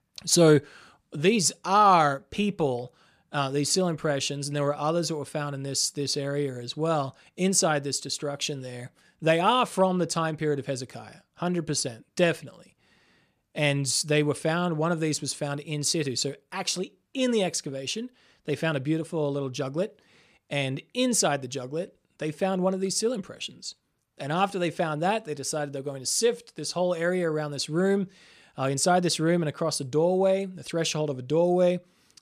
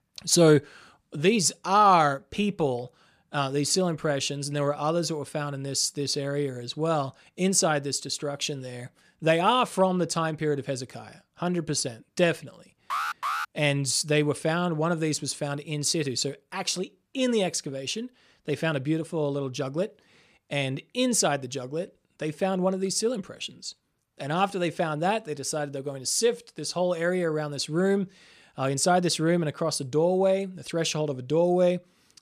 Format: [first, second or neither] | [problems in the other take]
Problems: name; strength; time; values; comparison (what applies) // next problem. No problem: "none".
first | alarm; noticeable; at 13 s; peak 3 dB below the speech